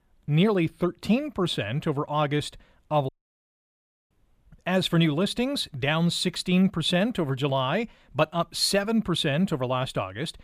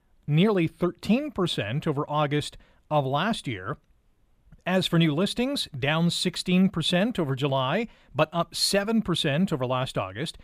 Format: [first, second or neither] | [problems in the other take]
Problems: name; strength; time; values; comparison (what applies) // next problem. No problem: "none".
second | audio cutting out; at 3 s for 1 s